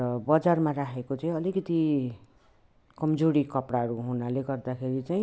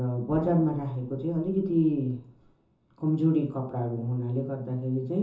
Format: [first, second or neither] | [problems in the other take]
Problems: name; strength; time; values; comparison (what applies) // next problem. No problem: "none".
first | background sound (Explosion); 19 dB below the speech // room echo; dies away in 0.6 s